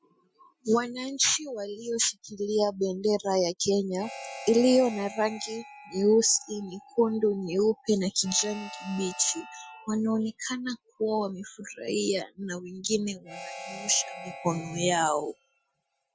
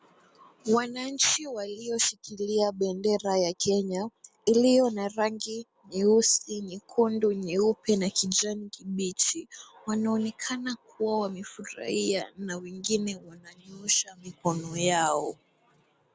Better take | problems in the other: second | noise reduction (classical method Wiener filter)

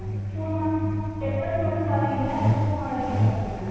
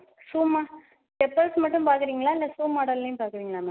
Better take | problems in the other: second | background sound (Truck); 2 dB above the speech // room echo; dies away in 2.1 s

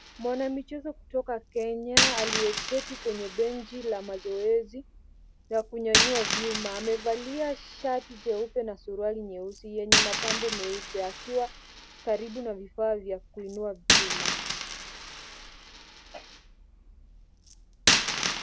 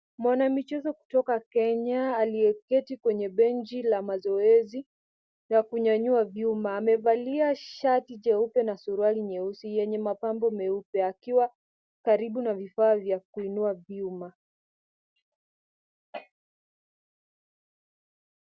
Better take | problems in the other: second | background sound (Coin (dropping)); 1 dB above the speech

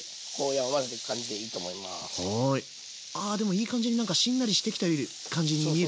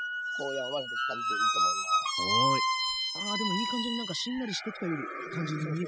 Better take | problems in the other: first | noise reduction (classical method spectral subtraction)

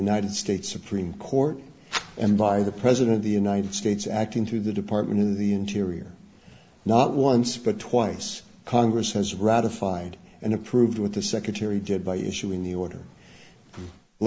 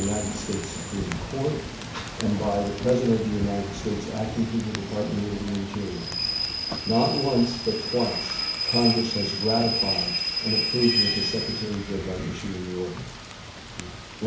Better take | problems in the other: first | background sound (Rain / Train); 3 dB below the speech // room echo; dies away in 0.6 s

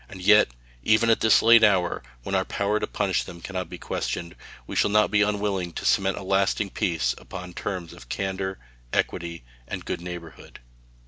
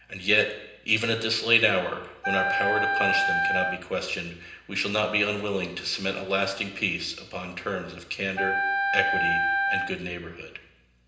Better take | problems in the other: first | background sound (Wind instrument, woodwind instrument); 2 dB above the speech // room echo; dies away in 0.9 s

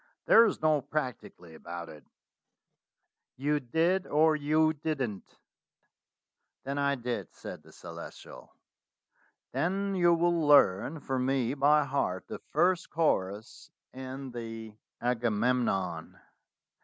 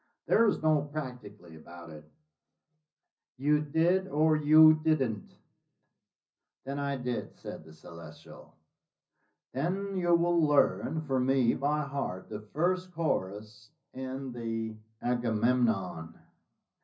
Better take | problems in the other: first | room echo; dies away in 0.4 s

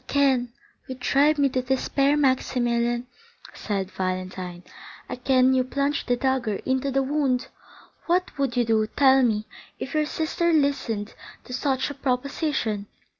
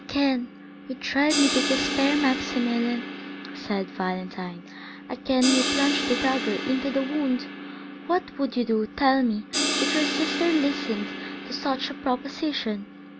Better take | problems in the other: first | background sound (Crash cymbal); 4 dB below the speech

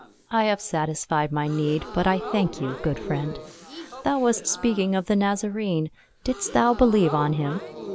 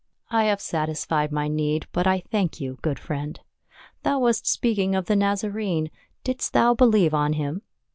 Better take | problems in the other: second | background sound (Crowd / Gasp); 13 dB below the speech

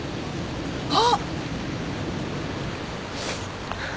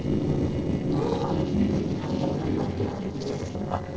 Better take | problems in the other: first | noise reduction (neural separator model SepFormer DNS4)

